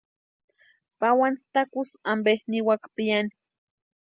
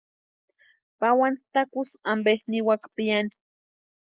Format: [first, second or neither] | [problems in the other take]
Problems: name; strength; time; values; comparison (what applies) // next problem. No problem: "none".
first | noise reduction (neural mask model Resemble Enhance denoiser)